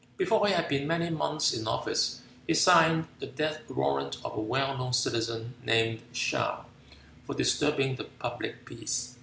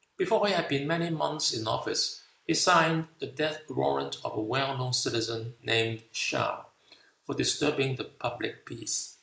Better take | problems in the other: first | noise reduction (neural mask model Resemble Enhance denoiser)

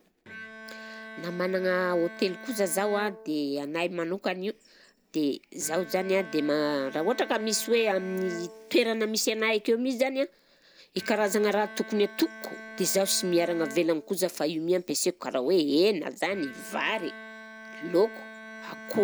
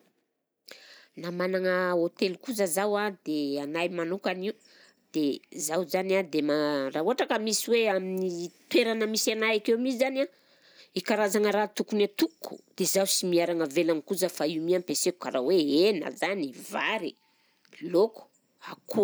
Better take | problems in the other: second | background sound (Bowed string instrument); 17 dB below the speech

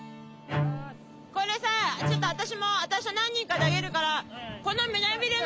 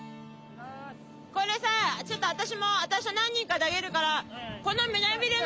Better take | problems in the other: second | background sound (Bowed string instrument); 4 dB below the speech

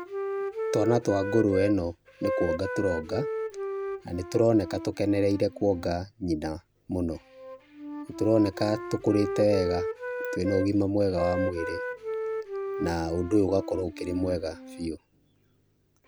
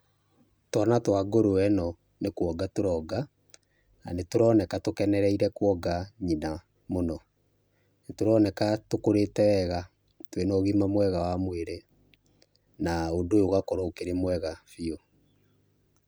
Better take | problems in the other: second | background sound (Wind instrument, woodwind instrument); 6 dB below the speech

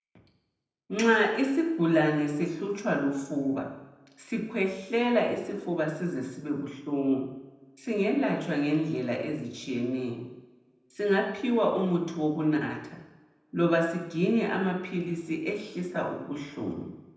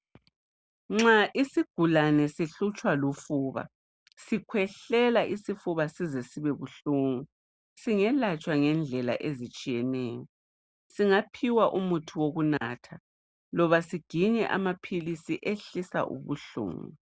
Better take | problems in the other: second | room echo; dies away in 0.8 s

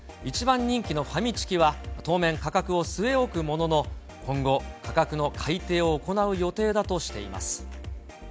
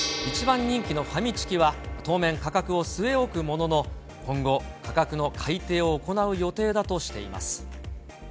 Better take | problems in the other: first | background sound (Gong); 14 dB below the speech

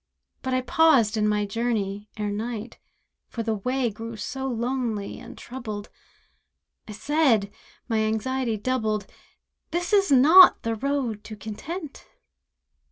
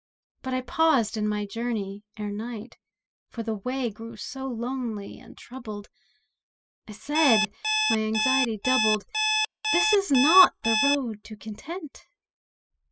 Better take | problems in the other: first | noise reduction (classical method spectral subtraction)

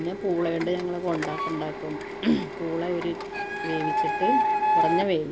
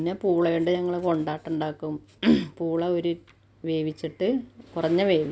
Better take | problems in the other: second | background sound (Printer); as loud as the speech

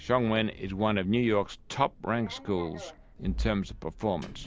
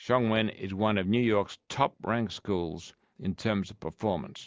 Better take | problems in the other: second | background sound (Sliding door); 12 dB below the speech

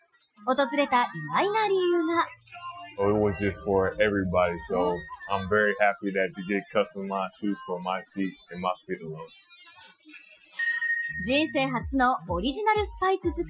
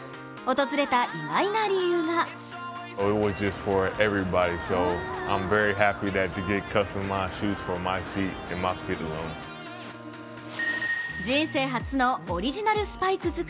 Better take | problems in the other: second | noise reduction (classical method Wiener filter)

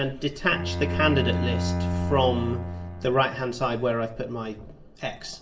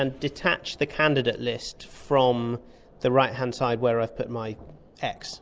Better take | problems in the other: second | background sound (Bowed string instrument); 2 dB below the speech // room echo; dies away in 0.5 s

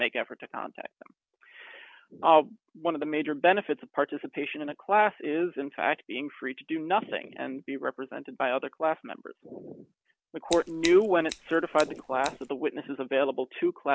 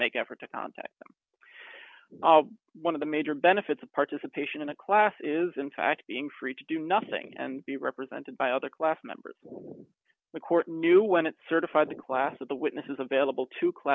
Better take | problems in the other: second | background sound (Scissors); 13 dB below the speech

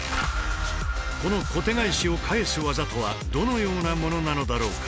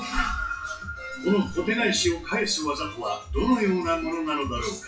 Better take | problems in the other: first | noise reduction (classical method WPE with log-MMSE)

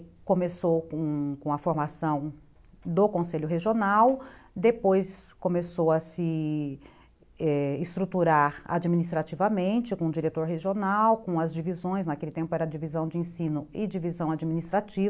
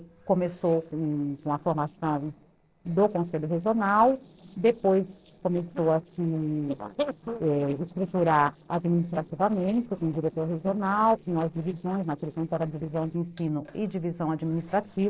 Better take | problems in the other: first | noise reduction (neural separator model SepFormer DNS4)

